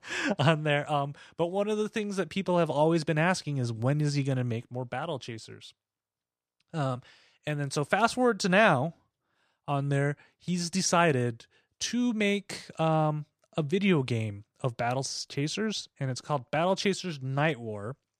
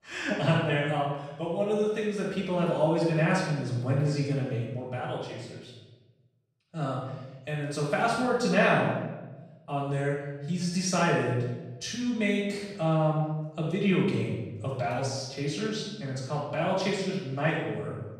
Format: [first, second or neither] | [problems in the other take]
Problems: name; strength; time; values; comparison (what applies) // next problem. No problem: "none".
first | off-mic speech; far // room echo; noticeable; dies away in 1 s